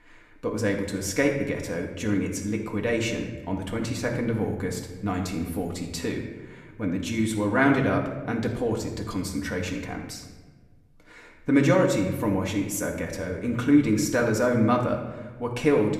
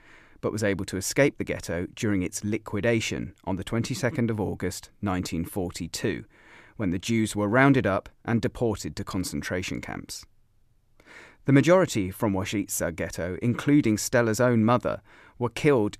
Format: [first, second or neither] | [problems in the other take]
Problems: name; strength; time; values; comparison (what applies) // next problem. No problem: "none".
second | room echo; slight; dies away in 1 s // off-mic speech; somewhat distant